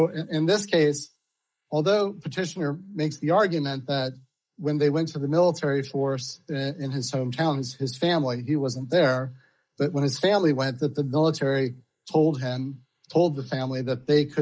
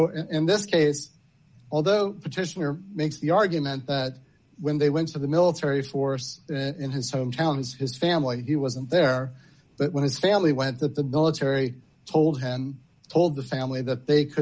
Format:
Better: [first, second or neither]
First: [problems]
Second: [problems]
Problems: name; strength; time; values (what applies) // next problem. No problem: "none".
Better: second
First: noise reduction (neural mask model Resemble Enhance denoiser)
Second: none